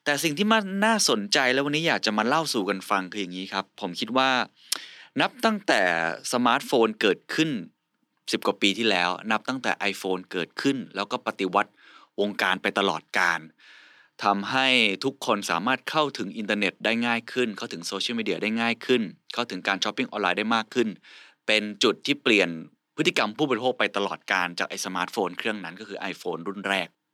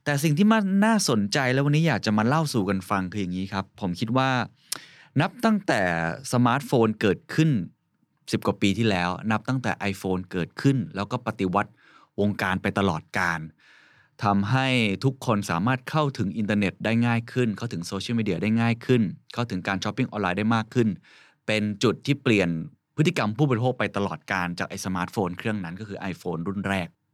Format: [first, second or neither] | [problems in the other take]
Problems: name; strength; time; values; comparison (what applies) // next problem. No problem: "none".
second | thin; somewhat; fading below 250 Hz